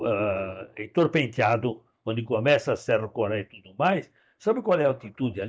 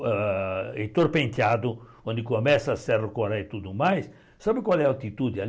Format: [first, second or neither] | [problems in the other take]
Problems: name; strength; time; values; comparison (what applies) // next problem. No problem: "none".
second | noise reduction (neural mask model DeepFilterNet 3)